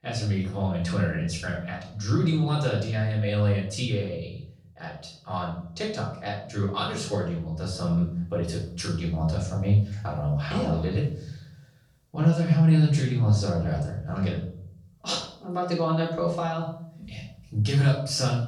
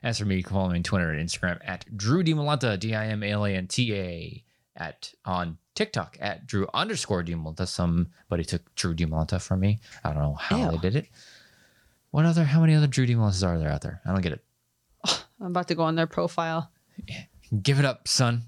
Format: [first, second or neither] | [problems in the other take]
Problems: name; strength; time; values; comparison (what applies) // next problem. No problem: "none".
second | off-mic speech; far // room echo; noticeable; dies away in 0.6 s